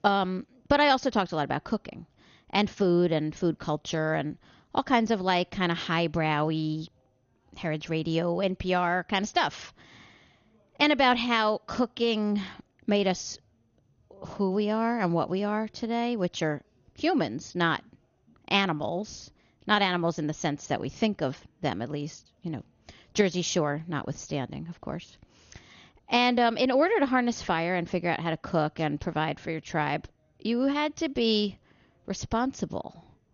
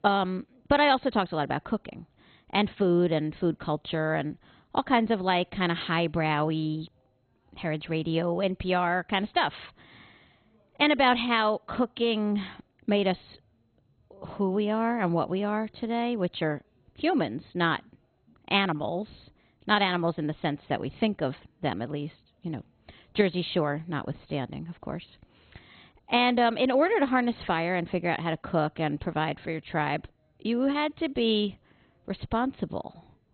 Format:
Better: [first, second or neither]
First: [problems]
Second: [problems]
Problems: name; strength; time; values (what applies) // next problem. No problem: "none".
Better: first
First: garbled, watery; slightly; nothing above 6.5 kHz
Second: garbled, watery; badly; nothing above 4 kHz